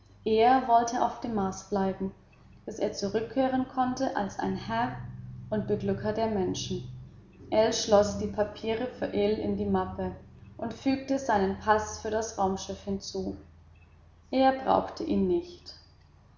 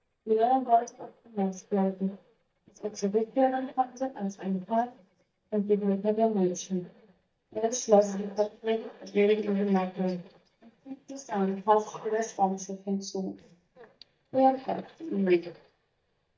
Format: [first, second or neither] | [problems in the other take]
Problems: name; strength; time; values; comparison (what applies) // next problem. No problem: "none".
first | noise reduction (neural mask model DeepFilterNet 3)